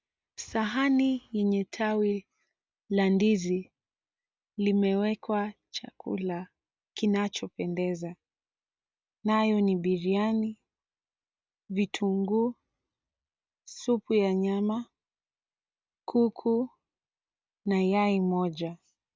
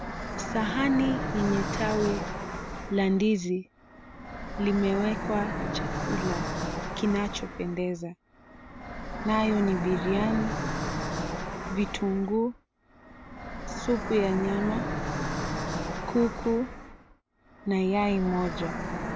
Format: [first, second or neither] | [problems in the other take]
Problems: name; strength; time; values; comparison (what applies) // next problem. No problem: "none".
first | background sound (Fixed-wing aircraft, airplane); 4 dB below the speech